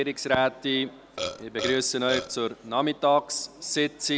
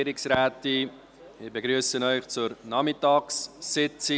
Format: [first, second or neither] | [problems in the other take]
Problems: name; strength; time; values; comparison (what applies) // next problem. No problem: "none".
second | background sound (Burping, eructation); 7 dB below the speech